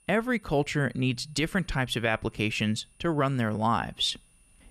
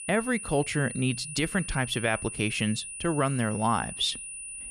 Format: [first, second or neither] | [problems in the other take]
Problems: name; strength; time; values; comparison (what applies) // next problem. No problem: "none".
first | high-pitched whine; loud; throughout; 9.5 kHz, 8 dB below the speech; faint in the first